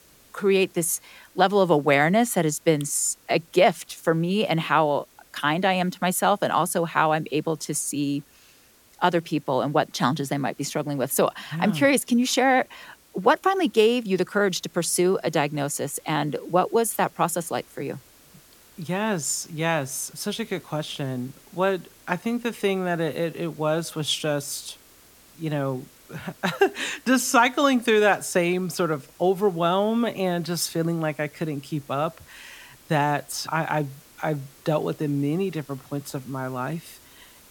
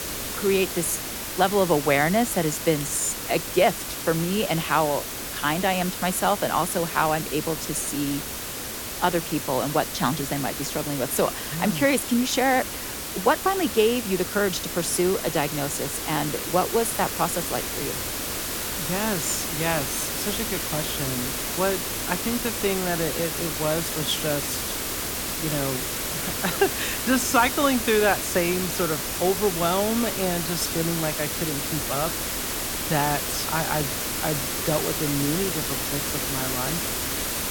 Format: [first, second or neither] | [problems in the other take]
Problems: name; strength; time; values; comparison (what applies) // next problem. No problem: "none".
first | hiss; loud; throughout; 2 dB below the speech; faint in the first